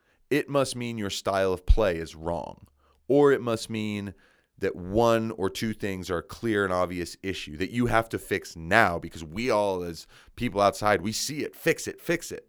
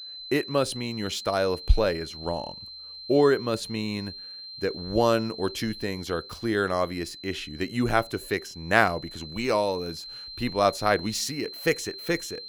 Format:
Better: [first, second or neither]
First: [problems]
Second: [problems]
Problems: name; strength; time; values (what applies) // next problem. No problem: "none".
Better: first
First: none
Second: high-pitched whine; noticeable; throughout; 4 kHz, 10 dB below the speech